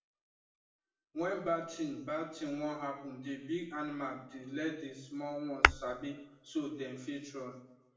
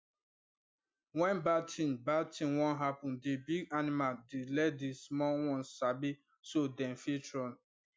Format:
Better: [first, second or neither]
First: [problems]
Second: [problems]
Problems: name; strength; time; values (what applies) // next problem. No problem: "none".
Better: second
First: background sound (Tap / Hammer); 4 dB above the speech // room echo; dies away in 0.7 s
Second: none